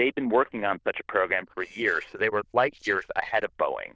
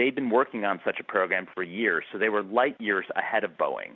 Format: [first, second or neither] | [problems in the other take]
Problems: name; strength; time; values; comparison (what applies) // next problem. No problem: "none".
second | noise reduction (neural diffusion model UNIVERSE++)